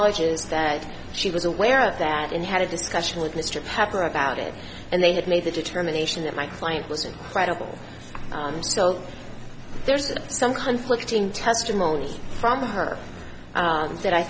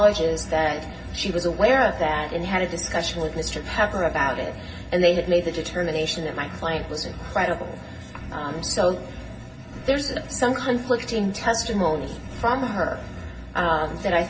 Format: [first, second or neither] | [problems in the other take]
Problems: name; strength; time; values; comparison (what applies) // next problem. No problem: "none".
first | room echo; dies away in 0.4 s